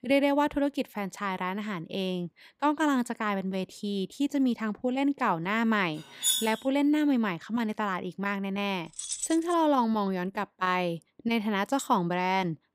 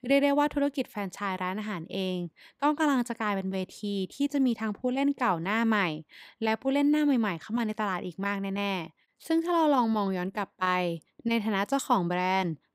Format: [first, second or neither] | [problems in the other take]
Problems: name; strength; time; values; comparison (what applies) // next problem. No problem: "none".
second | clattering dishes; loud; at 6 s; peak 3 dB above the speech // jangling keys; noticeable; at 9 s; peak 4 dB below the speech